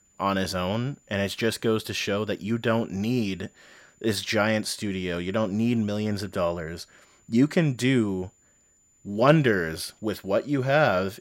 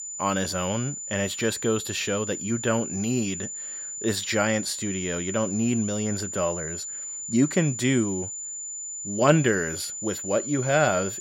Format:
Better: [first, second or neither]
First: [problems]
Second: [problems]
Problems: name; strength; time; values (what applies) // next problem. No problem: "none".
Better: first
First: high-pitched whine; faint; throughout; 7 kHz, 35 dB below the speech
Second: high-pitched whine; loud; throughout; 7 kHz, 6 dB below the speech